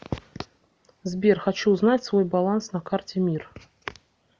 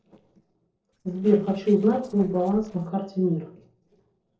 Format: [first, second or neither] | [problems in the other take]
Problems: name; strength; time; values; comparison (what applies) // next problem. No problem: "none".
first | noise reduction (neural separator model SepFormer DNS4)